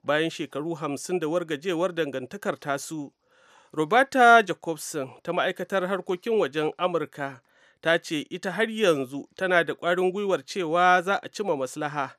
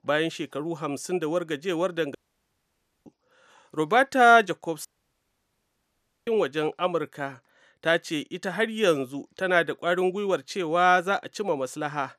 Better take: first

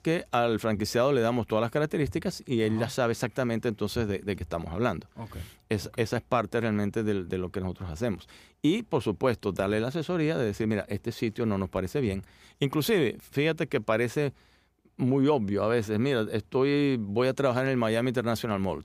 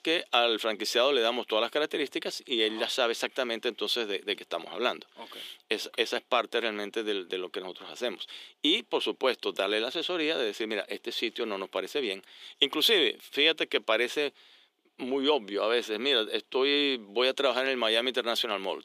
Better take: first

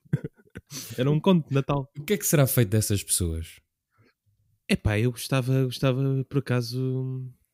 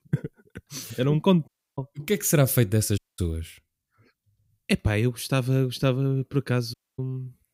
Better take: first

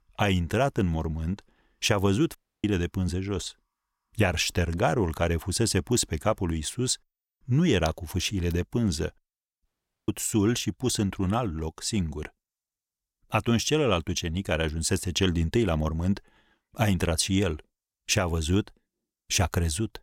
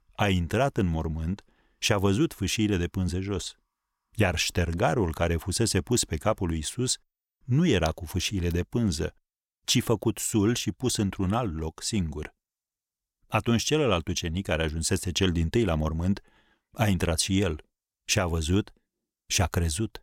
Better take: second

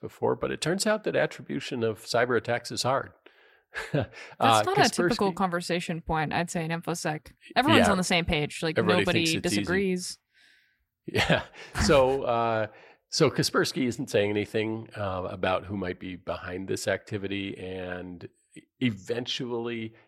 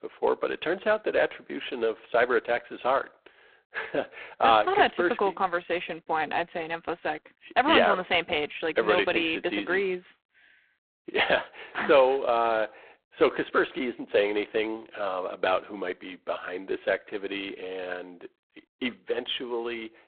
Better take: first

